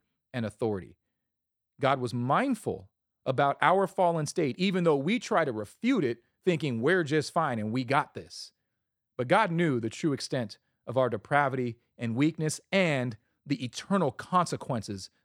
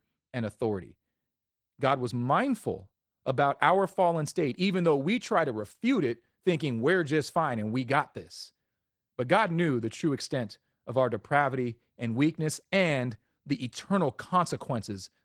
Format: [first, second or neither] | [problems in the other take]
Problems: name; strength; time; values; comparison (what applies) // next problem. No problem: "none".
first | garbled, watery; slightly